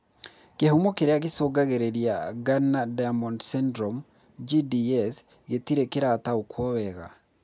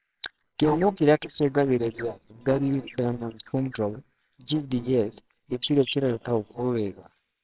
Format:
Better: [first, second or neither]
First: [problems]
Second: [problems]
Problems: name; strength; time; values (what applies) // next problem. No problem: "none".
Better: first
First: none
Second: noise reduction (neural separator model SepFormer WHAMR!)